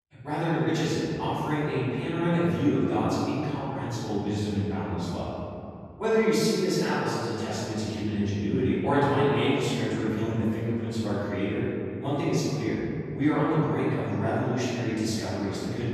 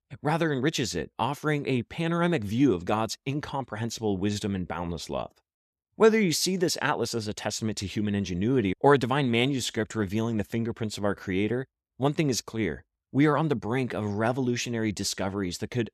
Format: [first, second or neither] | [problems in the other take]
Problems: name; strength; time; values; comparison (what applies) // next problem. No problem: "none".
second | off-mic speech; far // room echo; strong; dies away in 2.8 s